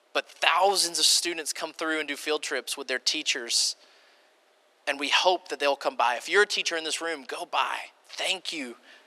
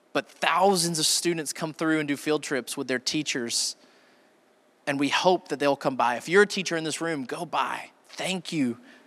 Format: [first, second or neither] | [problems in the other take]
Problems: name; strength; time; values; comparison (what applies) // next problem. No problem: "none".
second | thin; somewhat; fading below 400 Hz